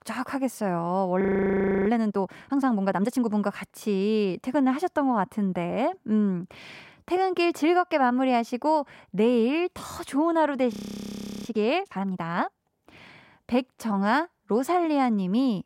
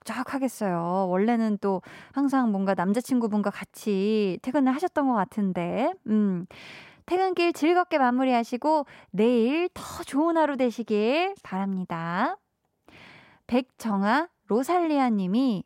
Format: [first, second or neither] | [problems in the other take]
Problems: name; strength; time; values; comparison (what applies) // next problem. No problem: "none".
second | audio freezing; at 1 s for 0.5 s and at 11 s for 0.5 s